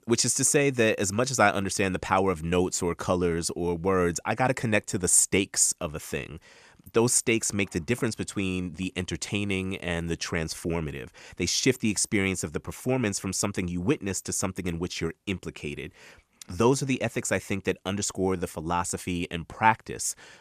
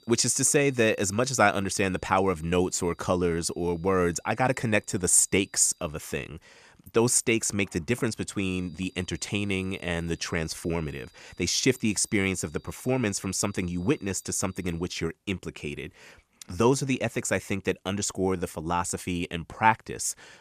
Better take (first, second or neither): first